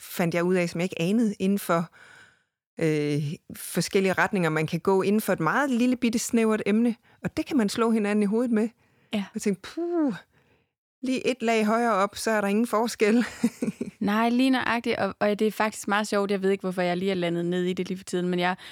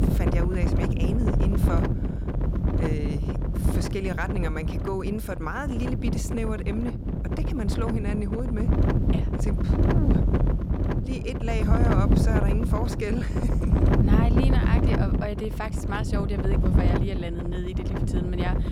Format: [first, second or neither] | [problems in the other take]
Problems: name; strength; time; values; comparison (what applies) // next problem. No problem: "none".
first | wind noise on the microphone; heavy; 1 dB above the speech